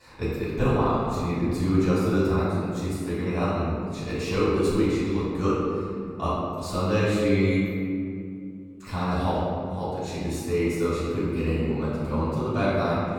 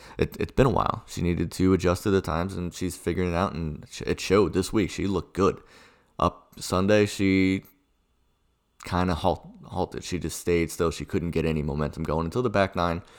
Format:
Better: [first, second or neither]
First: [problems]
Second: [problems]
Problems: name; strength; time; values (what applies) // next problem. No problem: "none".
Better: second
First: off-mic speech; far // room echo; strong; dies away in 2.3 s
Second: none